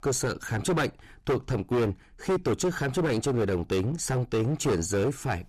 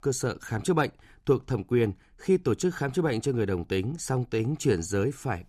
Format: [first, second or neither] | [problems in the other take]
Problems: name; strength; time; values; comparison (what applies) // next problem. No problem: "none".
second | distortion; heavy; 16% of the sound clipped